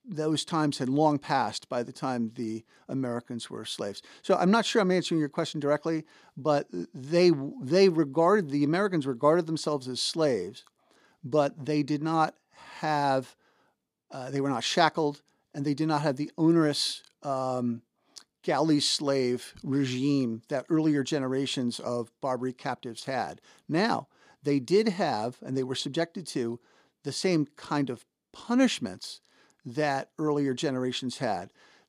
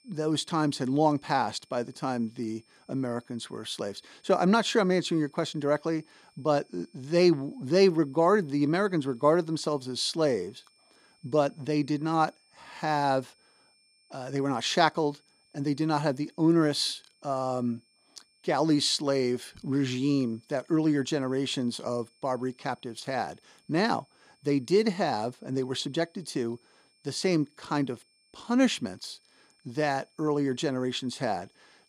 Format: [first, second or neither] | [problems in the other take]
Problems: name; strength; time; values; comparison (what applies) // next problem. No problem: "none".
first | high-pitched whine; faint; throughout; 5.5 kHz, 35 dB below the speech